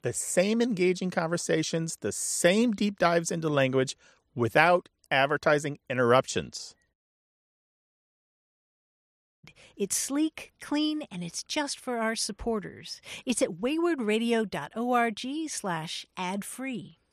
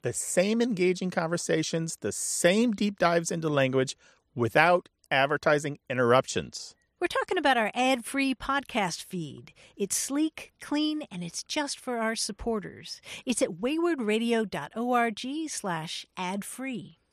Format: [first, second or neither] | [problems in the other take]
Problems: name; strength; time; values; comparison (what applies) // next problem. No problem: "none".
second | audio cutting out; at 7 s for 2.5 s